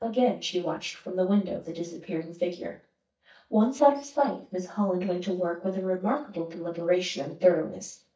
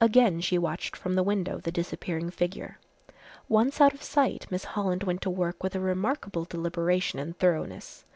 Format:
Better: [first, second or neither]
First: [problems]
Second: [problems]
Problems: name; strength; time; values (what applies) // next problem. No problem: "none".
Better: second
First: noise reduction (neural mask model DeepFilterNet 3)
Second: none